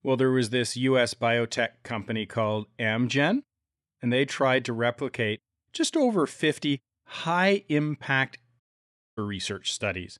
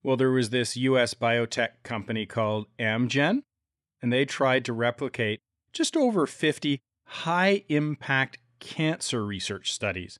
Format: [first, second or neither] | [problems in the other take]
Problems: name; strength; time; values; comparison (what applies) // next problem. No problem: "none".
second | audio cutting out; at 8.5 s for 0.5 s